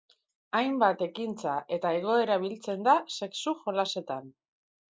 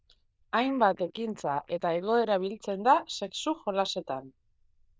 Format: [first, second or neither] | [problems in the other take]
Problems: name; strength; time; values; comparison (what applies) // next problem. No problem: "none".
first | noise reduction (neural diffusion model UNIVERSE++)